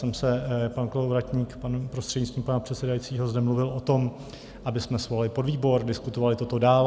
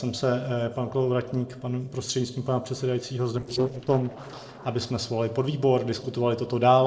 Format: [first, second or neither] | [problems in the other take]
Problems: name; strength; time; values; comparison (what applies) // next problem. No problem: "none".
first | noise reduction (neural separator model SepFormer DNS4)